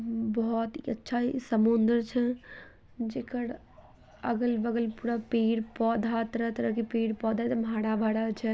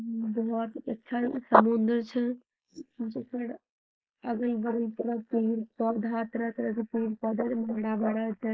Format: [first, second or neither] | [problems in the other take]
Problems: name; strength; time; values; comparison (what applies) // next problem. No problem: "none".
first | noise reduction (neural mask model Resemble Enhance denoiser)